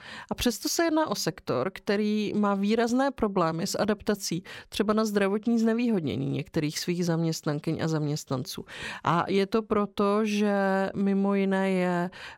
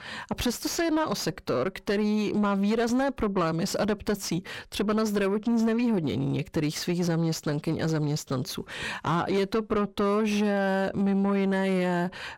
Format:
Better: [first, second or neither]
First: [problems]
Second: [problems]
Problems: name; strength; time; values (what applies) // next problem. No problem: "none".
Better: first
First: none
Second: distortion; slight; 10 dB below the speech